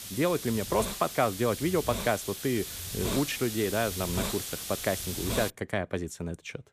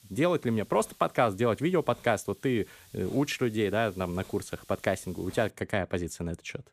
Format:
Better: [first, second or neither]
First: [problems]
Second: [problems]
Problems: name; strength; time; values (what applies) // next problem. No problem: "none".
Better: second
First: hiss; loud; until 5.5 s; 4 dB below the speech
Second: hiss; faint; until 5.5 s; 25 dB below the speech